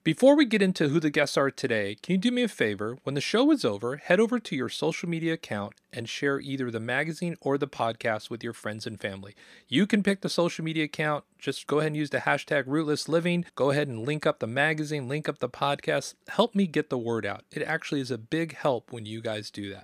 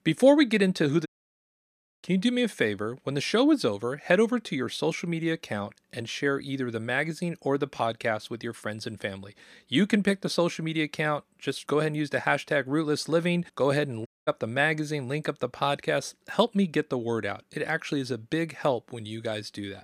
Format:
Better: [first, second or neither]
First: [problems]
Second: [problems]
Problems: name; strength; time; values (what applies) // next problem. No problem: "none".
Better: first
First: none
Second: audio cutting out; at 1 s for 1 s and at 14 s